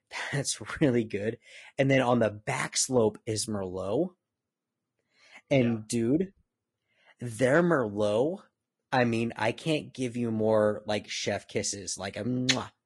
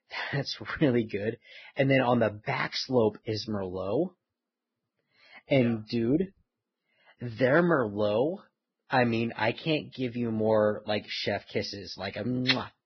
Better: first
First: garbled, watery; slightly; nothing above 10.5 kHz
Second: garbled, watery; badly; nothing above 5.5 kHz

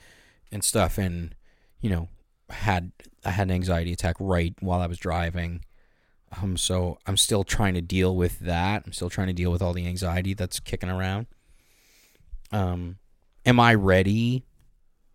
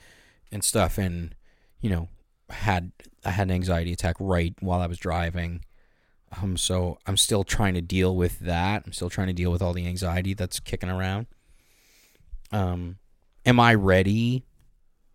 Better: neither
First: none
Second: none

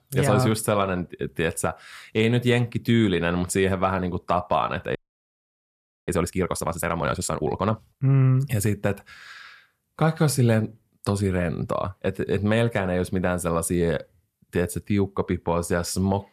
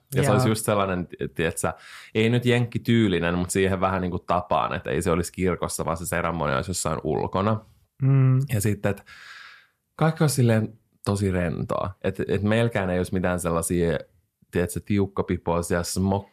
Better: second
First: audio freezing; at 5 s for 1 s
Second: none

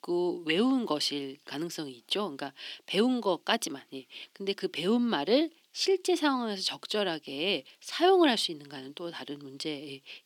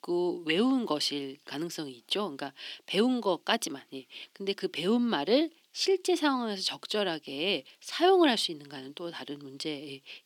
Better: neither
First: thin; very slightly; fading below 250 Hz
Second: thin; very slightly; fading below 250 Hz

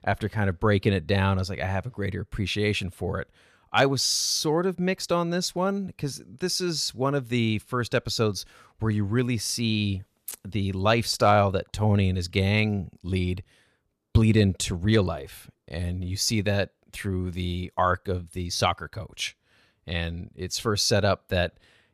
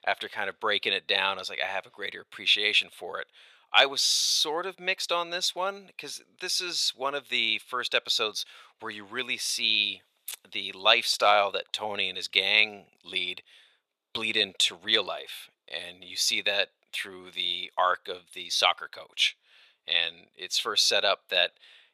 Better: first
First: none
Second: thin; very; fading below 700 Hz

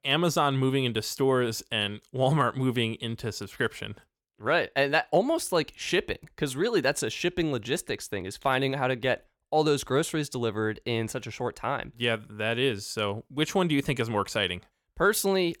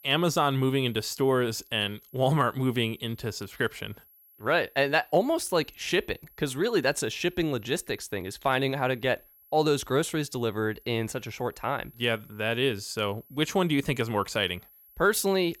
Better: first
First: none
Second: high-pitched whine; faint; throughout; 11.5 kHz, 25 dB below the speech

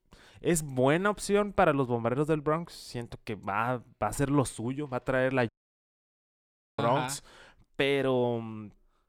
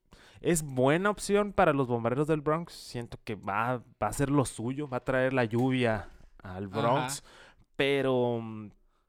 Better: second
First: audio cutting out; at 5.5 s for 1.5 s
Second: none

